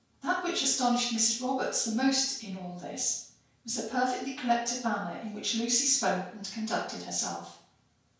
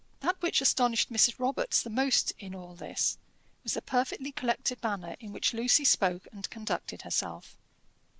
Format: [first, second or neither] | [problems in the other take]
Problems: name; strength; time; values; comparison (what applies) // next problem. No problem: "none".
second | room echo; dies away in 0.5 s